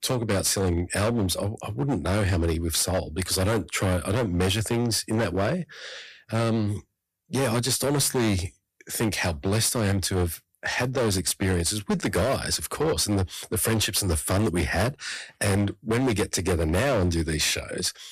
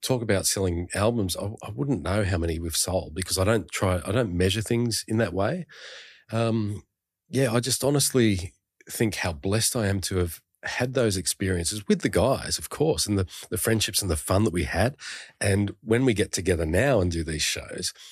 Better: second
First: distortion; heavy; 15% of the sound clipped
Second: none

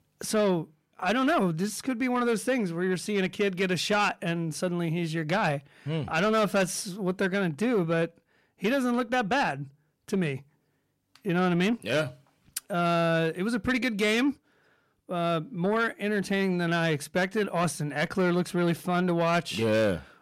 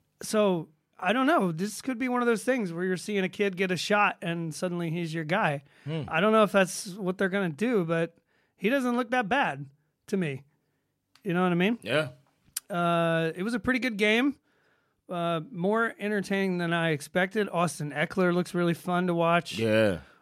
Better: second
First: distortion; slight; 10 dB below the speech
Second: none

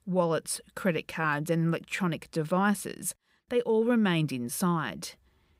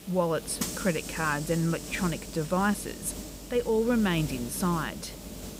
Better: first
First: none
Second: hiss; loud; throughout; 9 dB below the speech

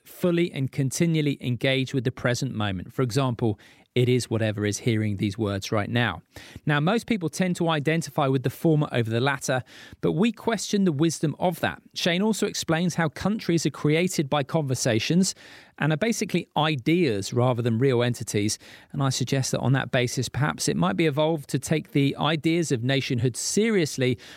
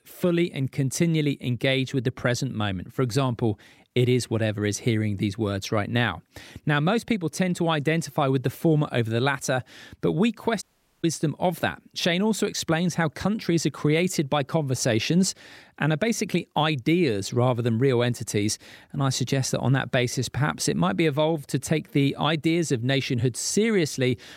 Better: first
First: none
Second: audio cutting out; at 11 s

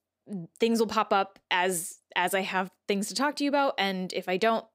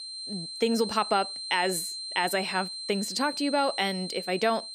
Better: first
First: none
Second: high-pitched whine; loud; throughout; 4 kHz, 7 dB below the speech

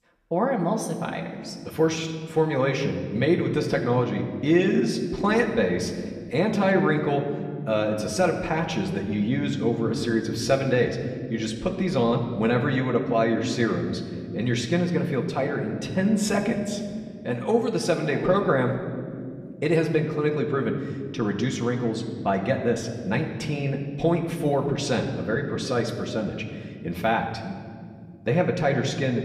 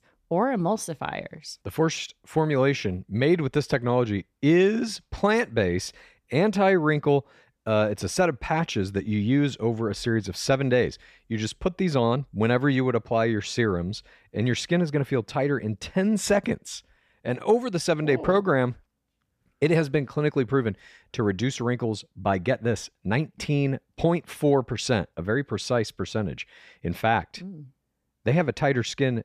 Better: second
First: room echo; slight; dies away in 1.9 s // off-mic speech; somewhat distant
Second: none

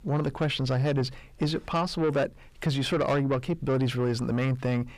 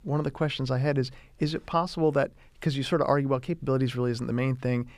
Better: second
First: distortion; slight; 10 dB below the speech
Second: none

